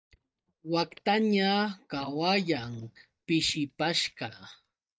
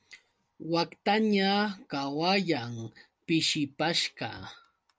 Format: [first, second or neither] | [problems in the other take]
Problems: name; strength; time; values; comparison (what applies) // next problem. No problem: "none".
second | noise reduction (neural mask model DeepFilterNet 3)